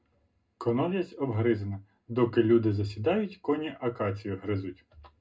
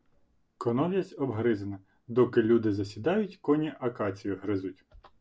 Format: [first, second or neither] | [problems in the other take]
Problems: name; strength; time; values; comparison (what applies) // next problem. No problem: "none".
second | room echo; dies away in 0.2 s